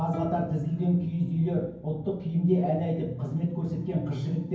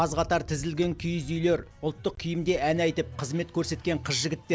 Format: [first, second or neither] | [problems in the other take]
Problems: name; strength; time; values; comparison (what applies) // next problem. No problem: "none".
second | background sound (Plucked string instrument); 14 dB below the speech // room echo; dies away in 0.9 s